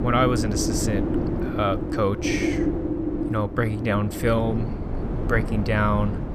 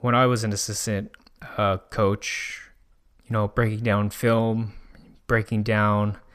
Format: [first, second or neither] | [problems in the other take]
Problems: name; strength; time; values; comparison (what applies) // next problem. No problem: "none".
second | wind noise on the microphone; heavy; 5 dB below the speech